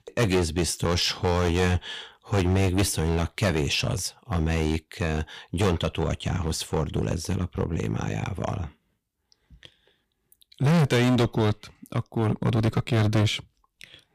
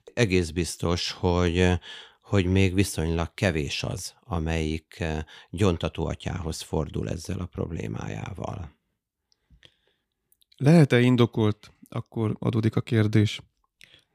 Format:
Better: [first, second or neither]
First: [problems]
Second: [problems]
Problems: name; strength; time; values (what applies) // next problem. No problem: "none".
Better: second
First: distortion; heavy; 9% of the sound clipped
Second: none